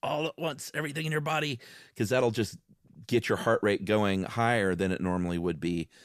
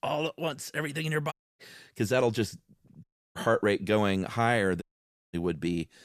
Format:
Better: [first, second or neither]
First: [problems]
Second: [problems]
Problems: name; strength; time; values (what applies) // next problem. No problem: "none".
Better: first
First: none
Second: audio cutting out; at 1.5 s, at 3 s and at 5 s for 0.5 s